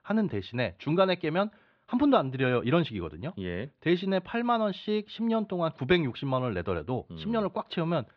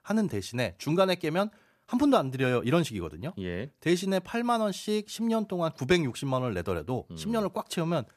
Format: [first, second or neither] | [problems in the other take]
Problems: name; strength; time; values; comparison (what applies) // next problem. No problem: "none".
second | muffled; slightly; fading above 3.5 kHz